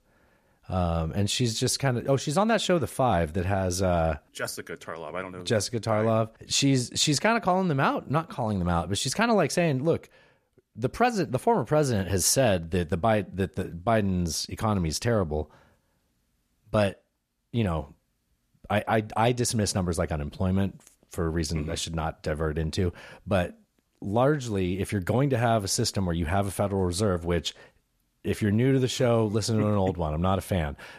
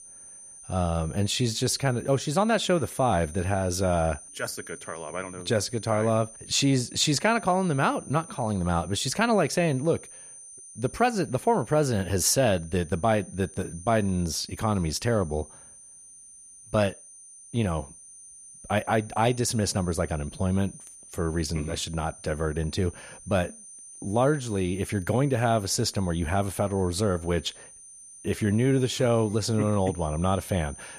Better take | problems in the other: first | high-pitched whine; noticeable; throughout; 9 kHz, 20 dB below the speech

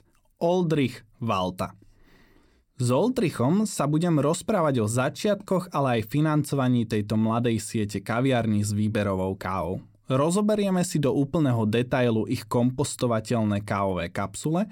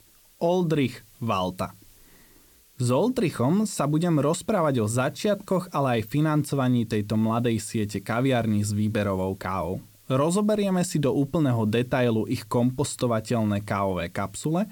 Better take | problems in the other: first | hiss; faint; throughout; 30 dB below the speech

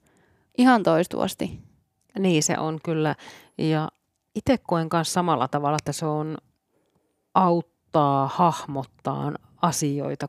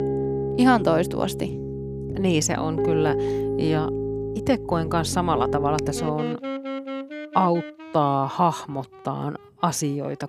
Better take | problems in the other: first | background music; loud; throughout; 4 dB below the speech

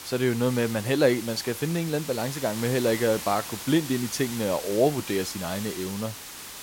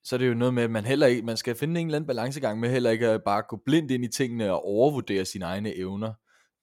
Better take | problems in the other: second | hiss; loud; throughout; 9 dB below the speech

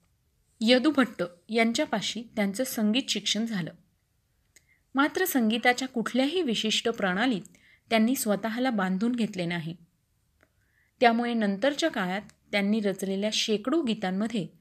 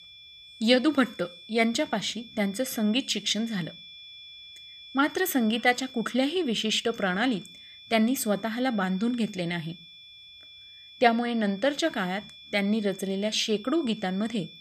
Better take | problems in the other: first | high-pitched whine; noticeable; throughout; 3.5 kHz, 20 dB below the speech

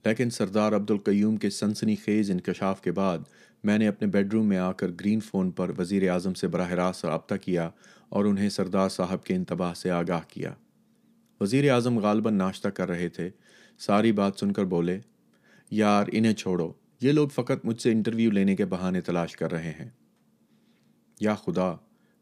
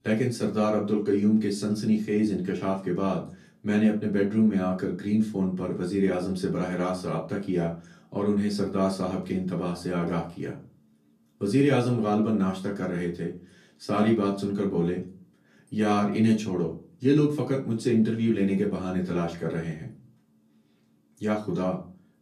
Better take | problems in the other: first | off-mic speech; far // room echo; very slight; dies away in 0.3 s

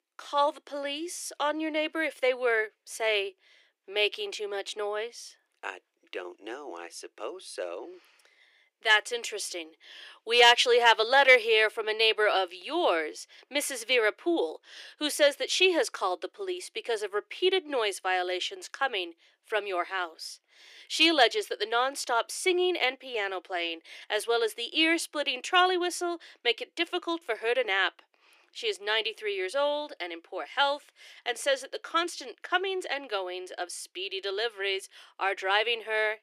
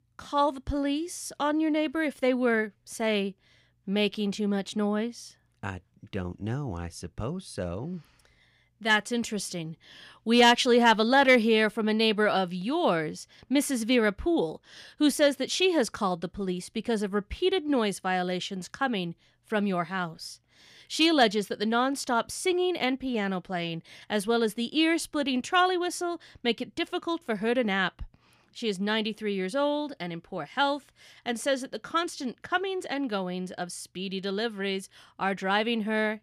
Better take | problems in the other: second | thin; very; fading below 350 Hz

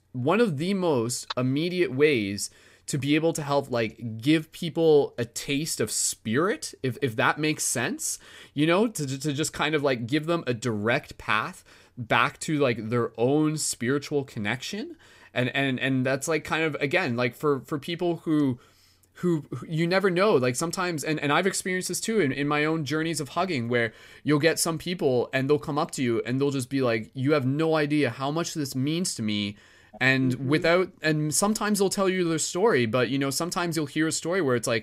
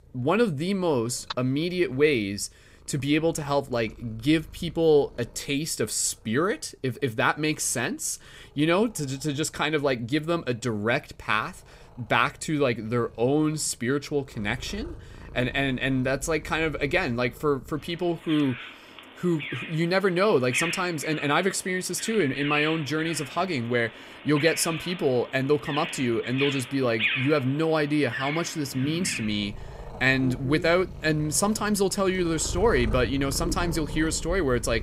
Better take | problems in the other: first | animal sounds; loud; throughout; 9 dB below the speech

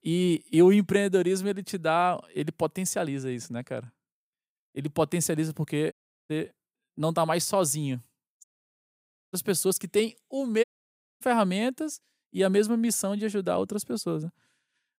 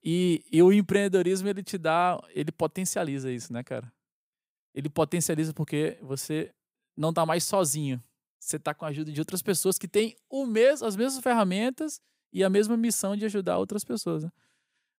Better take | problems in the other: second | audio cutting out; at 6 s, at 8.5 s for 1 s and at 11 s for 0.5 s

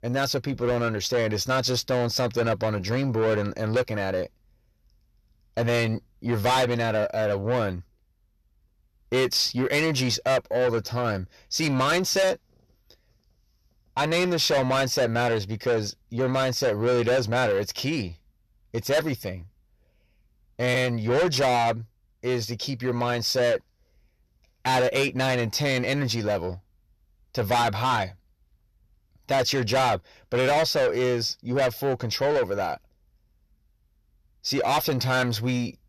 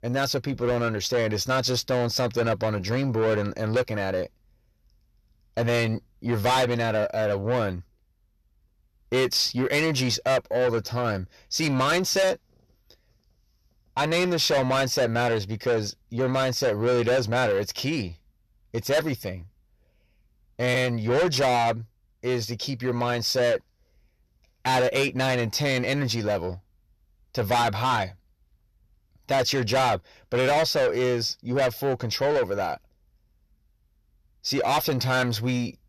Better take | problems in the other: neither | distortion; heavy; 6 dB below the speech; the same in both

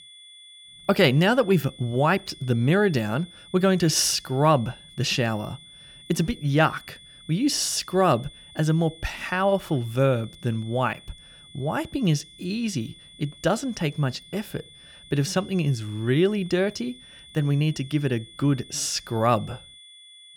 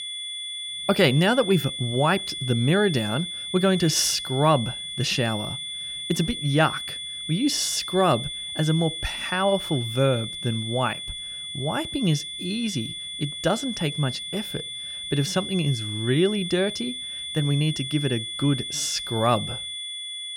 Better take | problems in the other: first | high-pitched whine; loud; throughout; 3.5 kHz, 6 dB below the speech; faint in the first

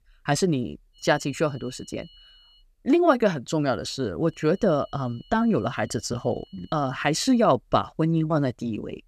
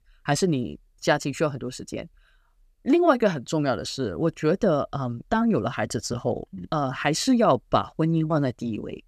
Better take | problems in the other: second | high-pitched whine; faint; from 1 to 2.5 s and from 4.5 to 7.5 s; 3 kHz, 30 dB below the speech

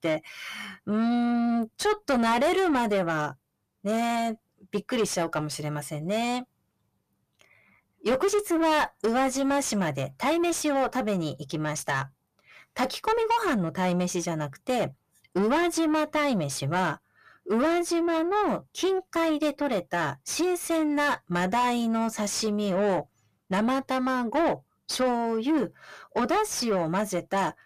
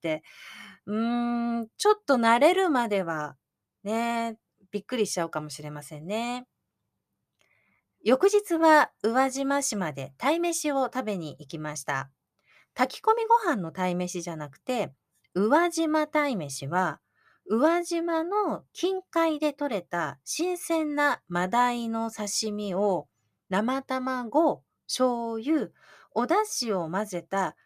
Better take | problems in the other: second | distortion; heavy; 7 dB below the speech

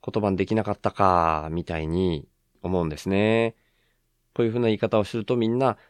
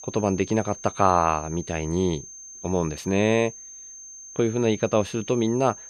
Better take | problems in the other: first | high-pitched whine; noticeable; throughout; 6.5 kHz, 15 dB below the speech

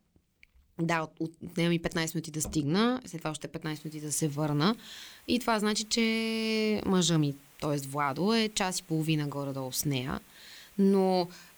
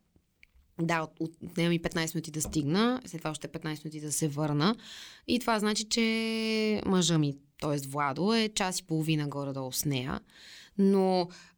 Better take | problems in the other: second | hiss; faint; from 3.5 s on; 25 dB below the speech

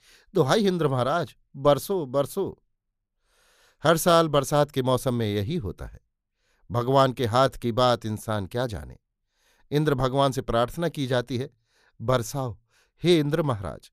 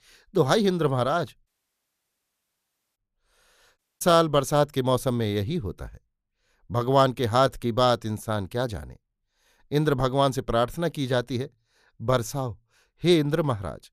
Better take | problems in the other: first | audio cutting out; at 1.5 s for 1.5 s and at 4 s

